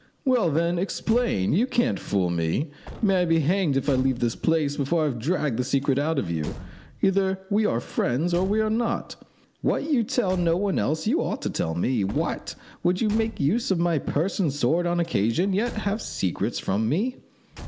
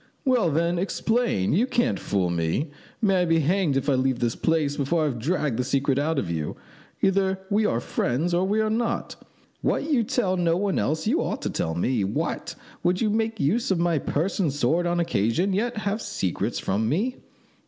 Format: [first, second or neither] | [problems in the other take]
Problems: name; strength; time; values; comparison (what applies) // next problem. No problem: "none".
second | background sound (Slam / Truck / Car); 20 dB below the speech